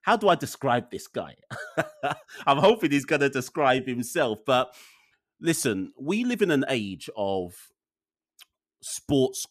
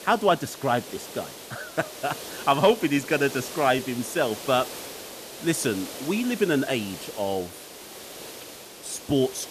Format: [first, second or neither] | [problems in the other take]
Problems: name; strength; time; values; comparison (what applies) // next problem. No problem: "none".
first | hiss; noticeable; throughout; 10 dB below the speech